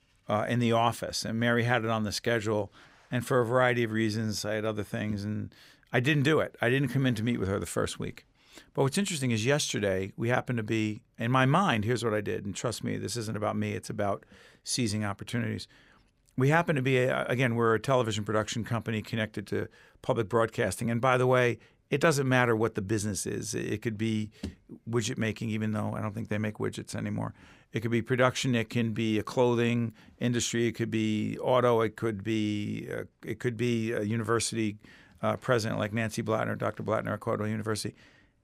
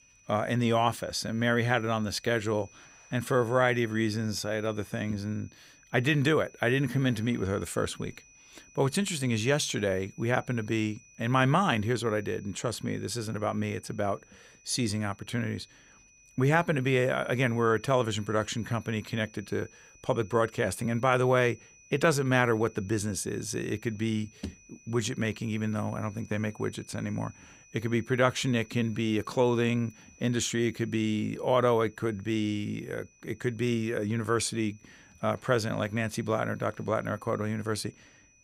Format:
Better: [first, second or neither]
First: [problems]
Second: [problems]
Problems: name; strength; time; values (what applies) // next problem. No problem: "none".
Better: first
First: none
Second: high-pitched whine; faint; throughout; 6 kHz, 25 dB below the speech